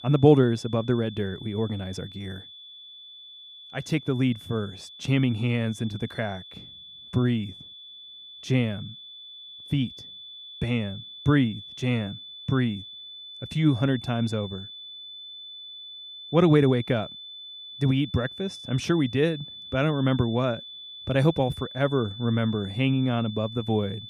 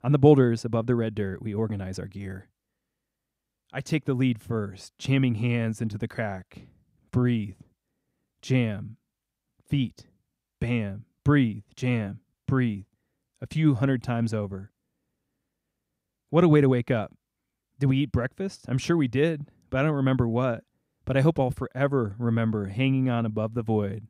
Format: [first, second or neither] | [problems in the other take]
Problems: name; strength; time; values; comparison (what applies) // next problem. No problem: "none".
second | high-pitched whine; noticeable; throughout; 3.5 kHz, 15 dB below the speech